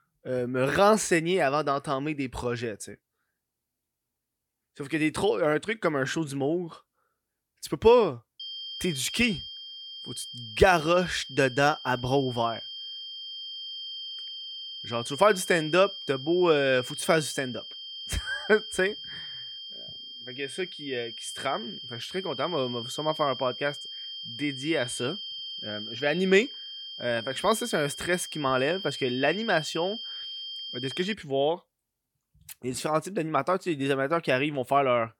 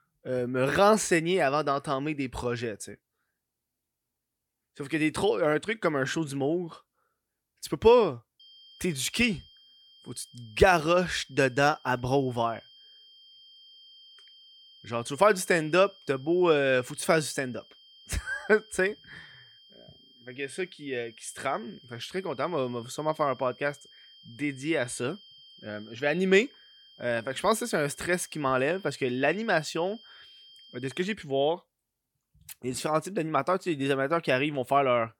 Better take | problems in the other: second | high-pitched whine; loud; from 8.5 to 31 s; 3 kHz, 10 dB below the speech; faint in the second

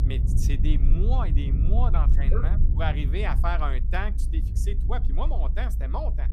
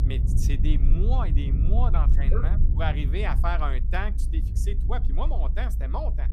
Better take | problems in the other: neither | low rumble; loud; throughout; 9 dB below the speech; the same in both

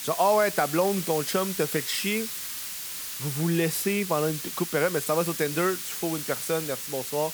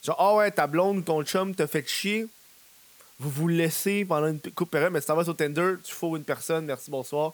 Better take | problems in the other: second | hiss; loud; throughout; 5 dB below the speech; faint in the second

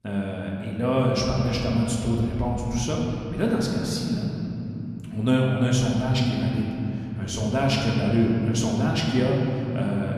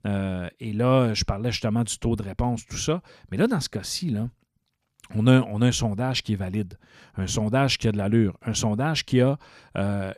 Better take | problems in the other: second | room echo; noticeable; dies away in 3 s // off-mic speech; somewhat distant

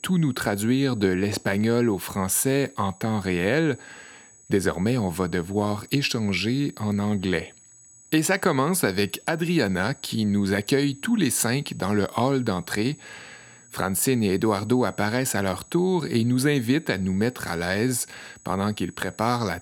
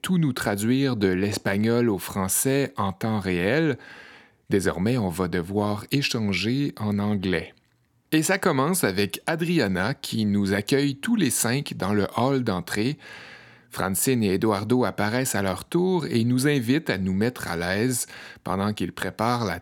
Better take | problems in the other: second | high-pitched whine; faint; throughout; 8 kHz, 25 dB below the speech

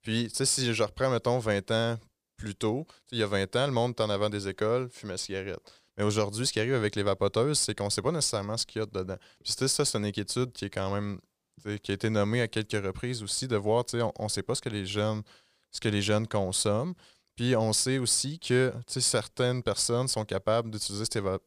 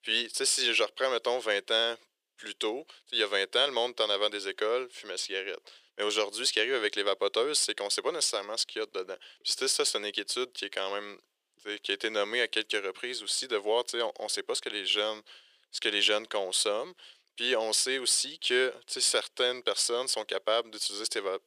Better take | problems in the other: first | thin; very; fading below 400 Hz

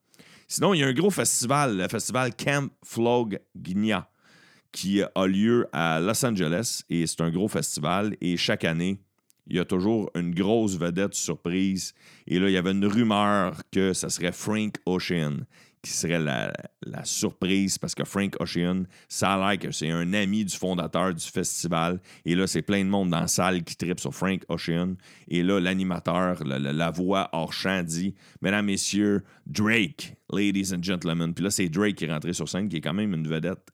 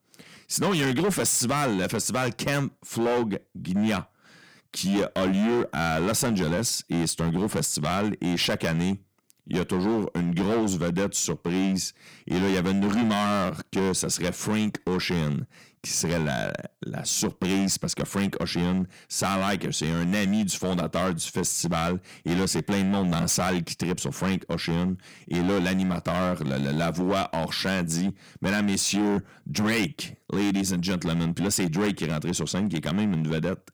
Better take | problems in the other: first | distortion; heavy; 14% of the sound clipped

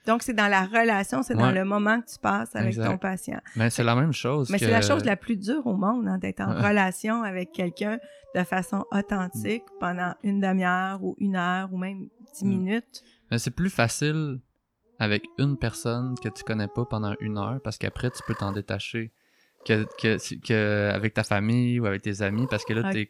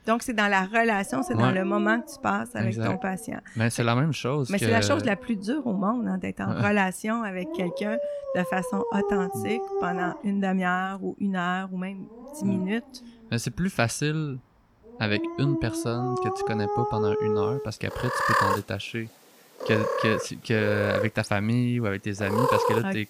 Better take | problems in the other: first | animal sounds; loud; throughout; 2 dB below the speech; faint in the first

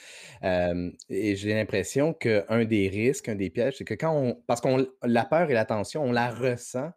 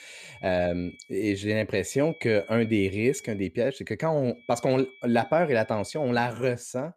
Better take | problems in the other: first | high-pitched whine; faint; until 1 s, from 2 to 3.5 s and from 4.5 to 6.5 s; 2.5 kHz, 25 dB below the speech

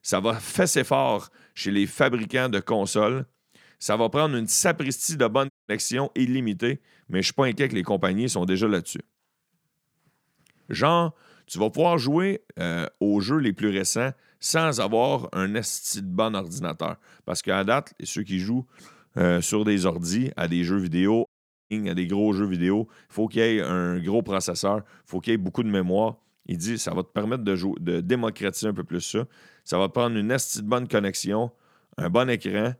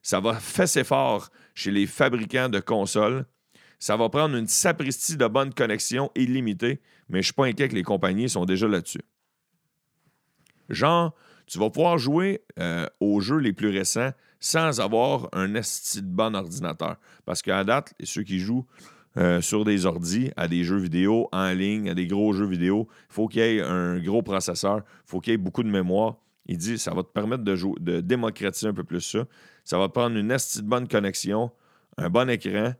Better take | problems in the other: second | audio cutting out; at 5.5 s and at 21 s

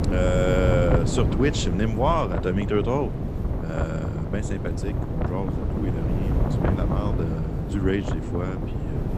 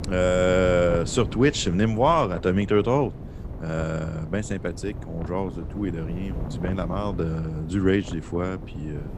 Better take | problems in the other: second | wind noise on the microphone; heavy; 6 dB below the speech; occasional gusts in the second

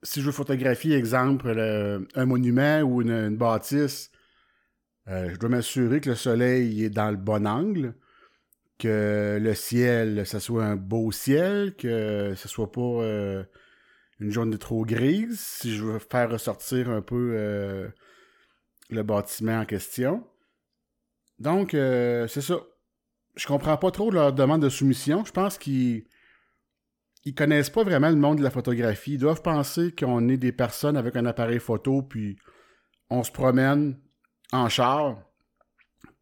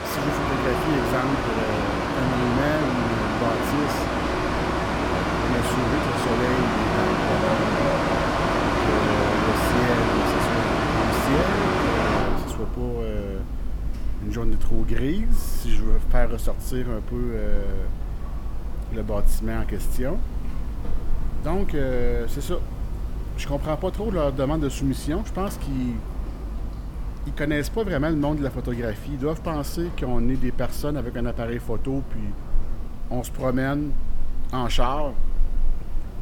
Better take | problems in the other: first | machinery noise; very loud; throughout; 1 dB above the speech

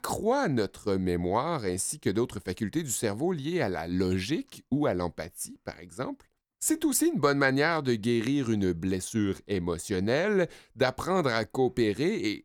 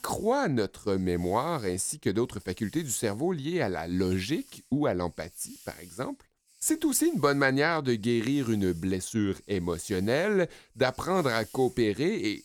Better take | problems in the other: first | hiss; faint; throughout; 25 dB below the speech

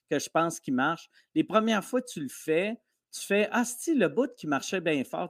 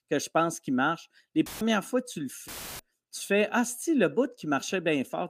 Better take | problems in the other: first | audio cutting out; filled with static; at 1.5 s and at 2.5 s

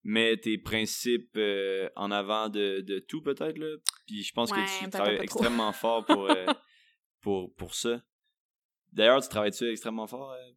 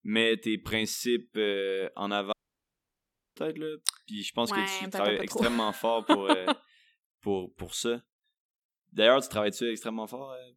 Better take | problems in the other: first | audio cutting out; at 2.5 s for 1 s

